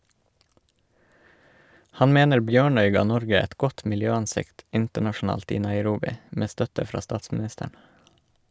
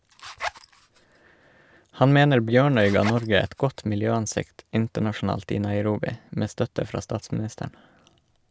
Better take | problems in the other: first | background sound (Zipper (clothing)); 13 dB below the speech

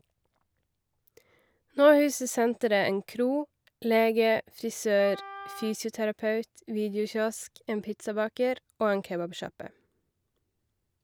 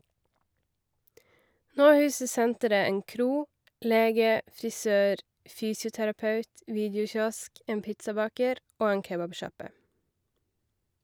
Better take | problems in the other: second | background sound (Wind instrument, woodwind instrument); 16 dB below the speech

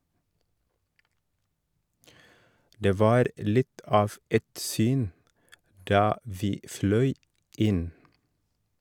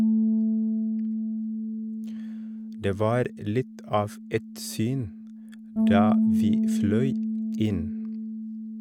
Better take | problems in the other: first | background sound (Bass guitar); 4 dB above the speech

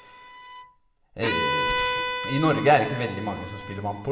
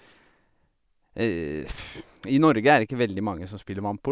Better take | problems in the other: second | background sound (Bowed string instrument); 4 dB below the speech // room echo; dies away in 1.4 s

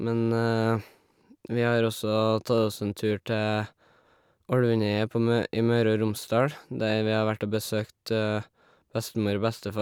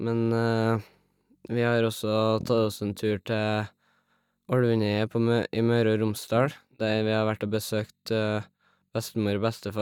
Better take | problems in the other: first | noise reduction (neural mask model DeepFilterNet 3)

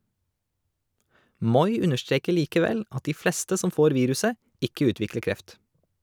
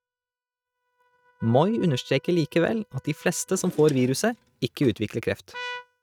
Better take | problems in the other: first | noise reduction (neural mask model RNNoise)

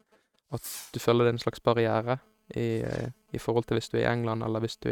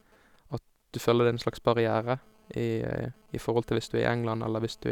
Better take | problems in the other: second | noise reduction (neural mask model RNNoise)

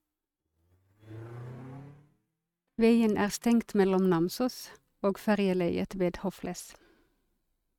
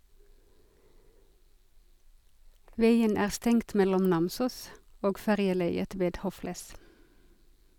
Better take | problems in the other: second | noise reduction (neural mask model RNNoise)

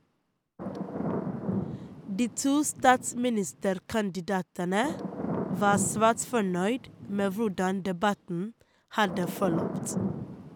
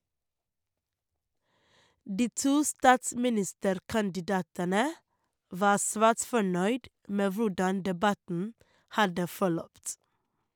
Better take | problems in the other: second | background sound (Thunder / Rain); 7 dB below the speech

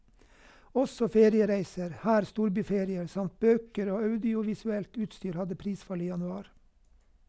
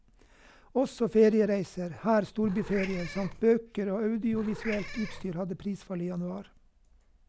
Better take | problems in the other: first | background sound (Meow / Purr); 11 dB below the speech

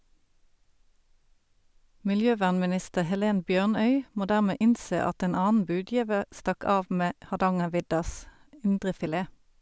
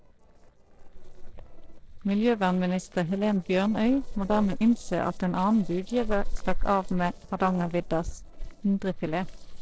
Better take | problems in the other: first | noise reduction (neural separator model SepFormer DNS4)

